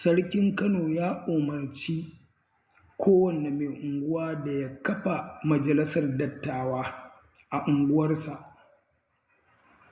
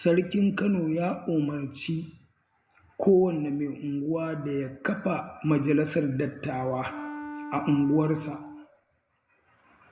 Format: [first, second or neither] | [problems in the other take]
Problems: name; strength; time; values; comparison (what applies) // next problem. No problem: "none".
first | background sound (Wind instrument, woodwind instrument); 12 dB below the speech